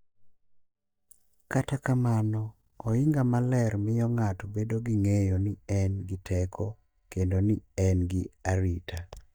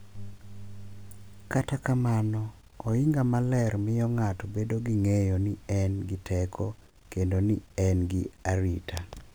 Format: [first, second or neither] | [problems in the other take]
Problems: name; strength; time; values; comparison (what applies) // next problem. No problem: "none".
second | noise reduction (neural mask model DeepFilterNet 3)